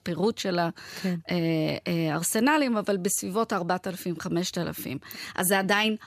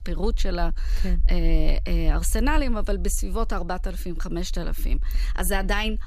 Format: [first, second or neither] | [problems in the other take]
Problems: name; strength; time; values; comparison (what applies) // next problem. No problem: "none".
first | low rumble; faint; throughout; 25 dB below the speech